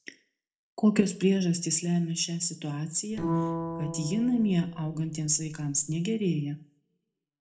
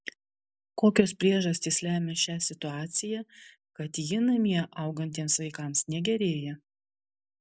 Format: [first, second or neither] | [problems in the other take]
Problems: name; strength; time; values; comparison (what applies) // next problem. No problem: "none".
second | noise reduction (neural separator model SepFormer DNS4)